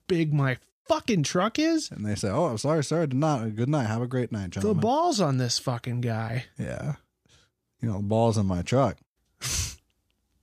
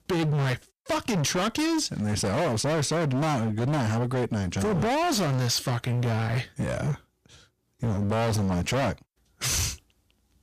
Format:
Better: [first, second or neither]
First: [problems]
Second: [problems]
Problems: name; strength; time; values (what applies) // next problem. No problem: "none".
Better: first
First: none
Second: distortion; heavy; 32% of the sound clipped